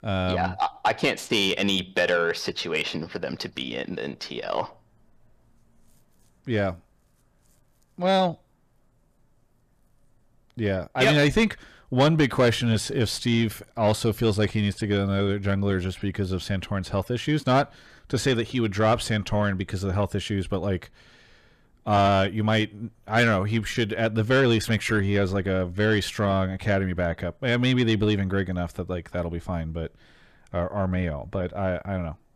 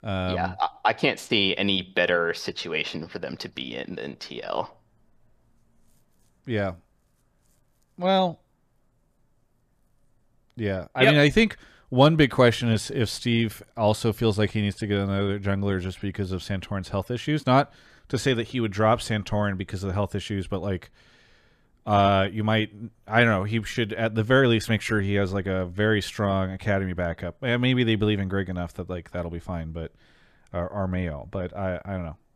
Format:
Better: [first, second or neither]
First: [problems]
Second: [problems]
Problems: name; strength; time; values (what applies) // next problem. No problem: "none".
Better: second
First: distortion; slight; 10 dB below the speech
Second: none